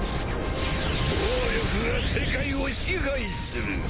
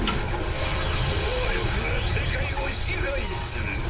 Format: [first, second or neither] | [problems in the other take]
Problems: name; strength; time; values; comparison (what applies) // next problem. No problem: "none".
first | background sound (Toilet flush); 9 dB below the speech // room echo; dies away in 0.7 s